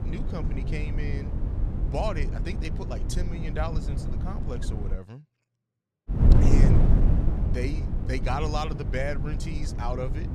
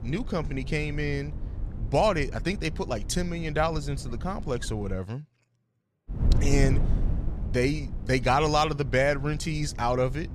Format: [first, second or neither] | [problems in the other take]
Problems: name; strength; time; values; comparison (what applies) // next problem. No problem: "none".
second | wind noise on the microphone; heavy; until 5 s and from 6 s on; 4 dB below the speech; occasional gusts in the second